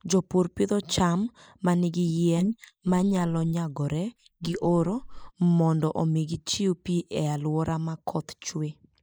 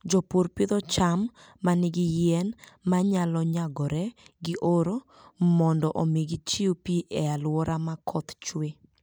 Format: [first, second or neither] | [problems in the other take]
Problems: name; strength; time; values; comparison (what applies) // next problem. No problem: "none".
second | noise reduction (neural mask model Resemble Enhance denoiser)